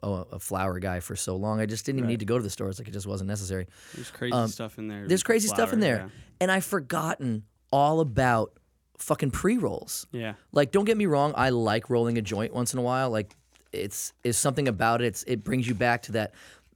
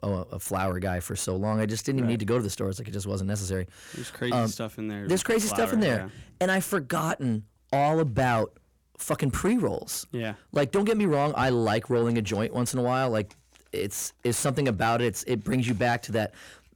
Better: first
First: none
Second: distortion; slight; 10 dB below the speech

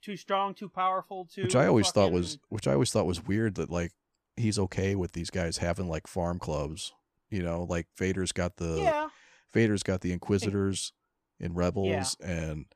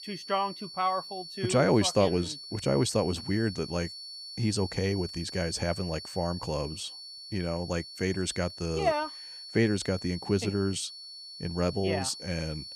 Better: first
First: none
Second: high-pitched whine; noticeable; throughout; 4.5 kHz, 10 dB below the speech

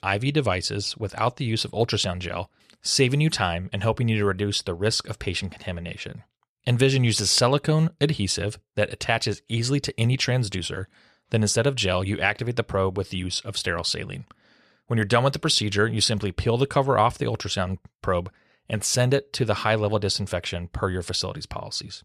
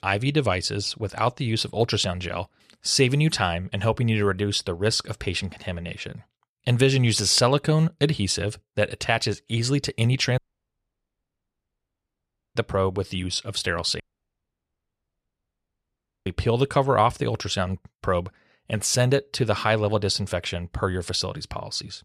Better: first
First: none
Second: audio cutting out; at 10 s for 2 s and at 14 s for 2.5 s

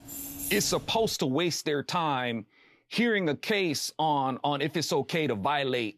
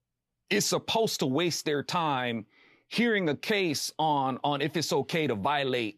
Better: second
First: jangling keys; noticeable; until 1 s; peak 6 dB below the speech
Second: none

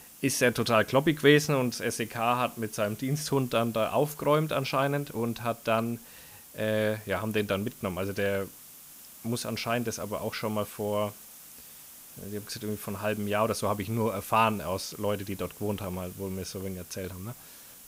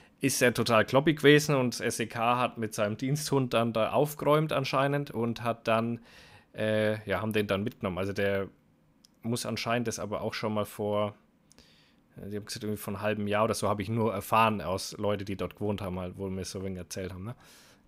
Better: second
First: hiss; noticeable; throughout; 15 dB below the speech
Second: none

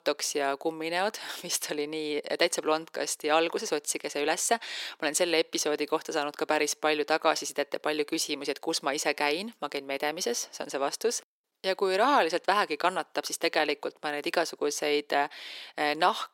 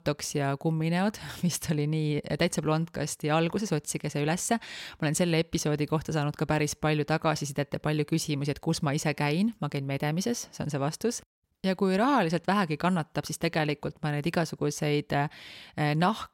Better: second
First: thin; very; fading below 350 Hz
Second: none

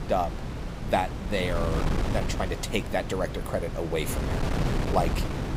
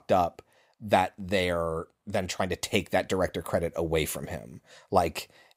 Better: second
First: wind noise on the microphone; heavy; 6 dB below the speech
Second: none

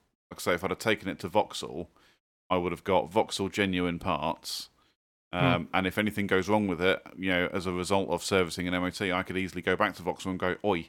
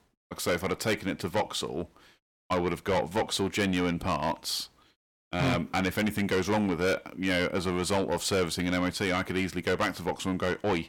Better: first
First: none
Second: distortion; heavy; 6 dB below the speech

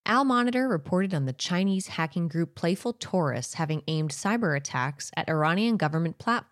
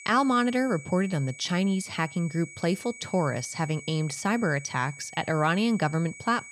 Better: first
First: none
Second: high-pitched whine; noticeable; throughout; 2.5 kHz, 15 dB below the speech

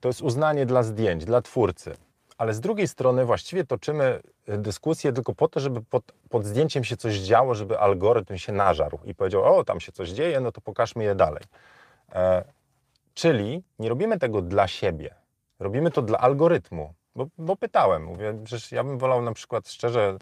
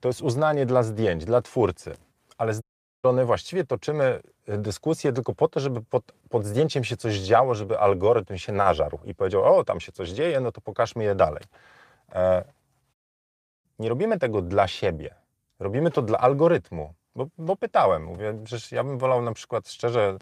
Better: first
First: none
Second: audio cutting out; at 2.5 s and at 13 s for 0.5 s

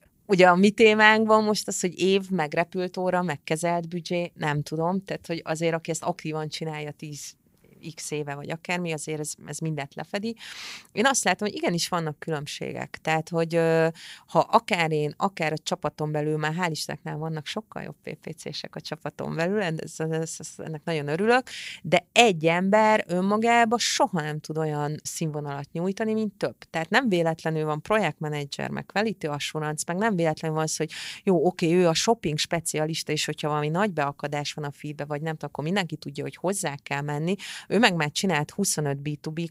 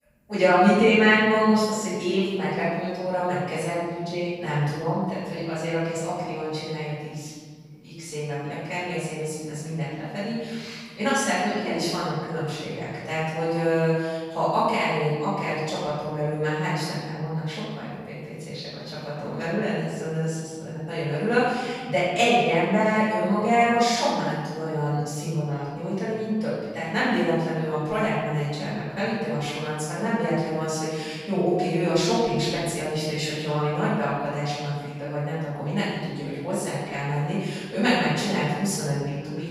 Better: first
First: none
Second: off-mic speech; far // room echo; strong; dies away in 1.6 s

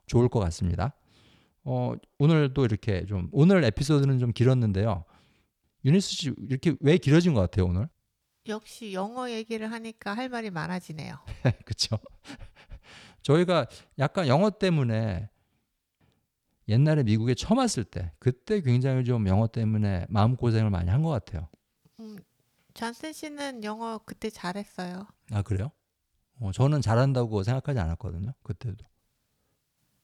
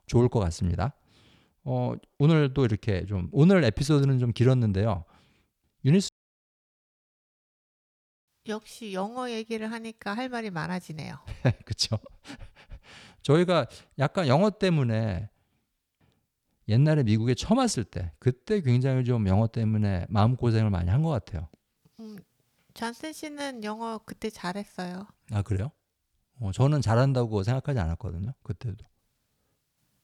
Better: first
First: none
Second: audio cutting out; at 6 s for 2 s

